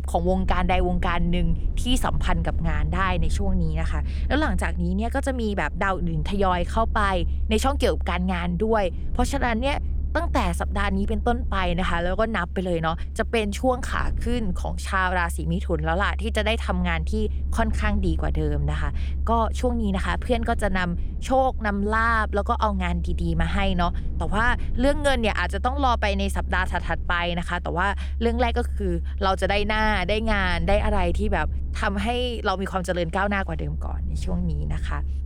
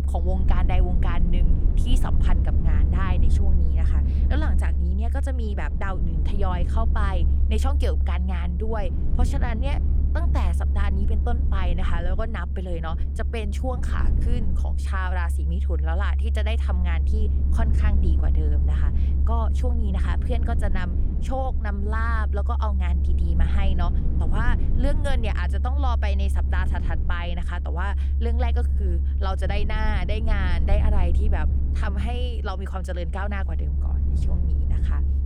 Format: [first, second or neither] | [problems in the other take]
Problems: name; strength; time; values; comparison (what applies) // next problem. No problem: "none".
first | low rumble; loud; throughout; 8 dB below the speech; faint in the first